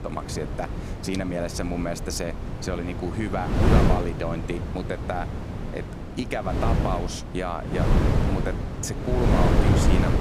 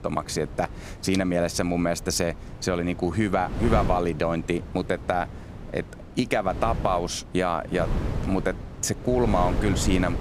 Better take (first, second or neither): second